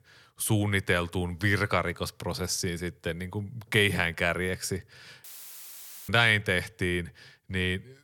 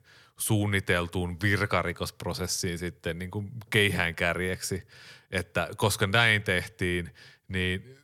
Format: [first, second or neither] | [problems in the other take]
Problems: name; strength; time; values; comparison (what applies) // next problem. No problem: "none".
second | audio cutting out; filled with static; at 5 s for 1 s